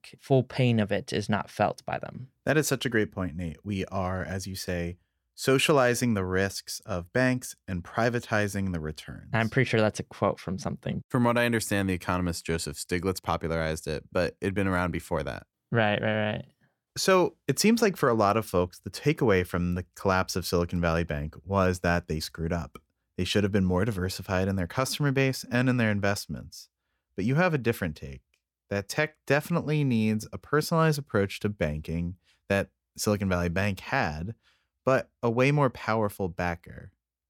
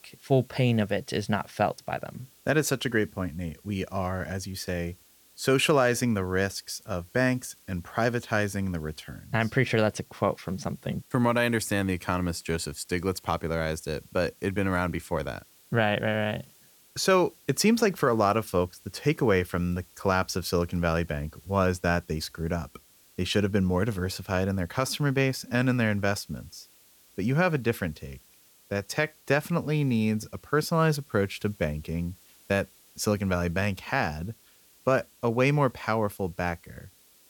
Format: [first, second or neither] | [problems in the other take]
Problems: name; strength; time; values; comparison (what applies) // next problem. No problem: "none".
first | hiss; faint; throughout; 25 dB below the speech